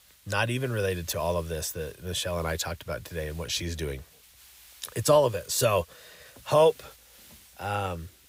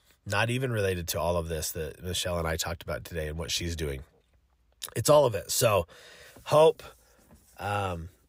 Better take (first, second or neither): second